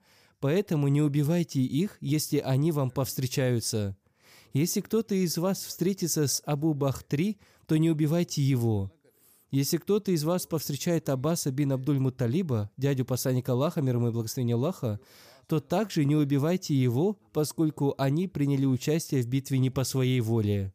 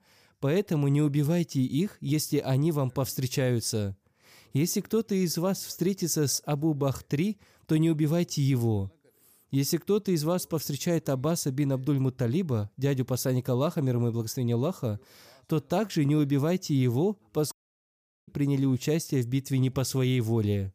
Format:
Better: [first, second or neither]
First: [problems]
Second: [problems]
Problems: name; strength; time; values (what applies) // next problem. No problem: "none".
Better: first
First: none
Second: audio cutting out; at 18 s for 1 s